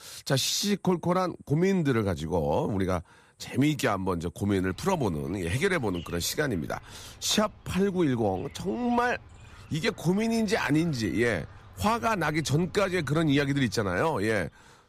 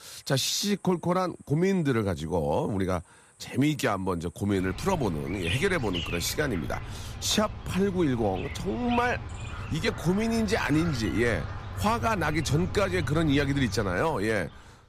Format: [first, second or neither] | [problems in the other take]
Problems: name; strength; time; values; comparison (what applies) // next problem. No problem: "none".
first | animal sounds; loud; throughout; 10 dB below the speech; faint in the first